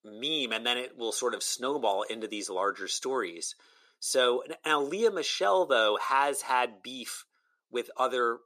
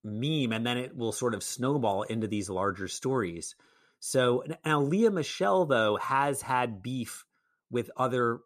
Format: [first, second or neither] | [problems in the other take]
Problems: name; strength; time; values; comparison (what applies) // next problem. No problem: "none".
second | thin; somewhat; fading below 350 Hz